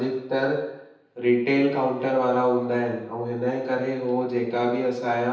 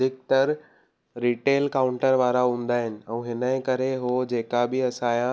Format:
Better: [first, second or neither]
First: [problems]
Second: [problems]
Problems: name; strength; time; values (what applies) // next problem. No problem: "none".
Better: second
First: room echo; dies away in 0.9 s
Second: none